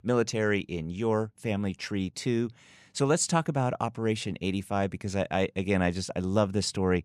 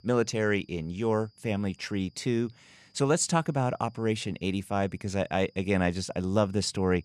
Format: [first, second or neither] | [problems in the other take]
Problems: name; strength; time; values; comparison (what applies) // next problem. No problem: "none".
first | high-pitched whine; faint; throughout; 5 kHz, 35 dB below the speech